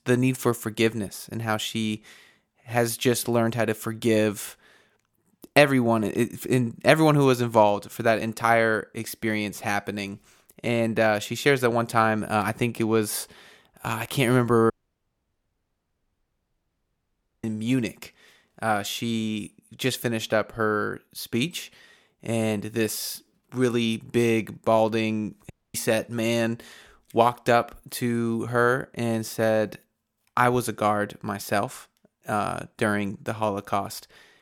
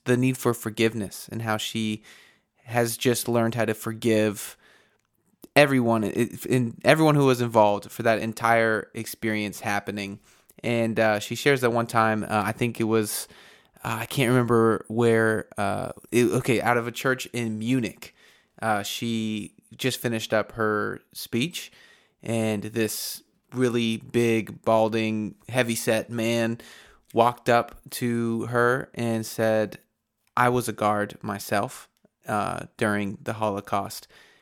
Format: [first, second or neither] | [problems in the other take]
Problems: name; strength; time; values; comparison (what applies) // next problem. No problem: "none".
second | audio cutting out; at 15 s for 2.5 s and at 26 s